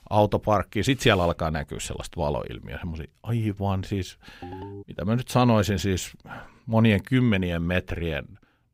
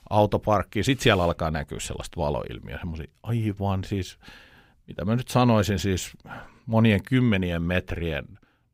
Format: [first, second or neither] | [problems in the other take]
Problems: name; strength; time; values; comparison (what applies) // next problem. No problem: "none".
second | phone ringing; faint; at 4.5 s; peak 15 dB below the speech